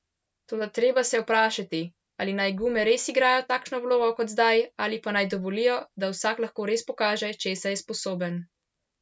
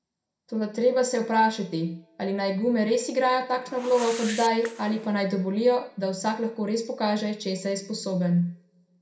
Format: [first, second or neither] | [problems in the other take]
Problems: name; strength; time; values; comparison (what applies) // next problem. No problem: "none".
first | background sound (Whoosh, swoosh, swish); 16 dB below the speech // room echo; dies away in 0.4 s